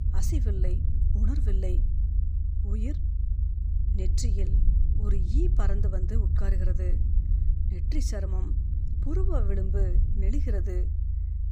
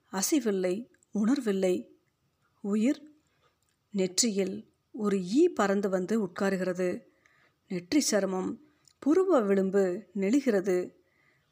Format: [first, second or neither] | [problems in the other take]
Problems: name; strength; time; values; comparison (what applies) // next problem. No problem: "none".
second | low rumble; loud; throughout; 5 dB below the speech